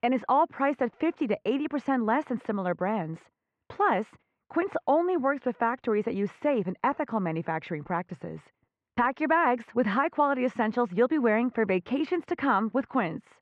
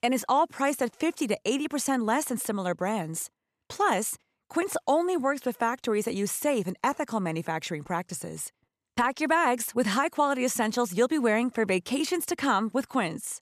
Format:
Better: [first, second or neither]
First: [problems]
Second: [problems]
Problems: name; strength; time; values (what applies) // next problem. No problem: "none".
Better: second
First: muffled; very; fading above 2 kHz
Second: none